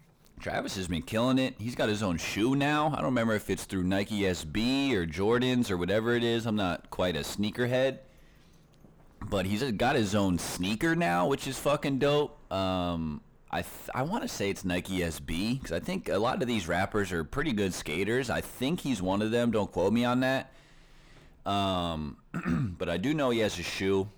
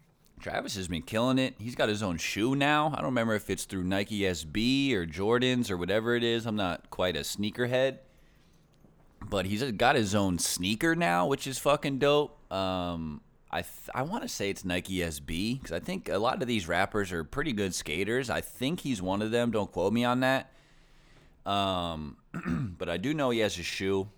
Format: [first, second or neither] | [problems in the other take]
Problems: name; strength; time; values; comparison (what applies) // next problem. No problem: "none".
second | distortion; slight; 10 dB below the speech